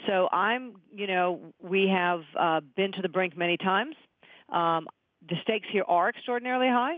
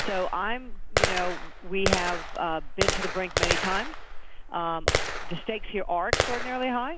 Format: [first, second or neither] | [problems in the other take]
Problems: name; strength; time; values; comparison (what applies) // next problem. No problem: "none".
first | background sound (Gunshot, gunfire); 2 dB above the speech